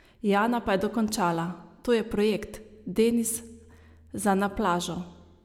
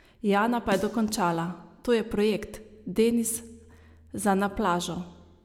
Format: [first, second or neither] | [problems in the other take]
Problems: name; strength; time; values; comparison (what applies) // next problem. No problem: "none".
first | background sound (Snare drum); 17 dB below the speech